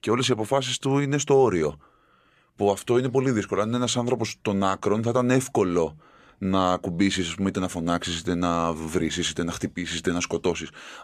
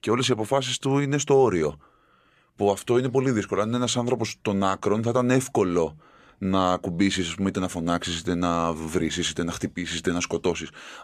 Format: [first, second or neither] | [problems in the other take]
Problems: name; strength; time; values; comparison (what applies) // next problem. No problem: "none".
neither | none